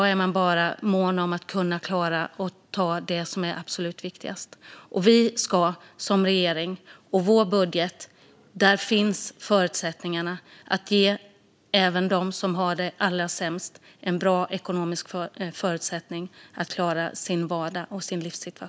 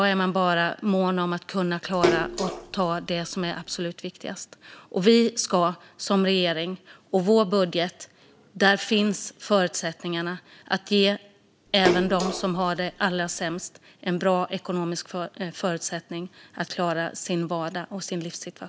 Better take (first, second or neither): first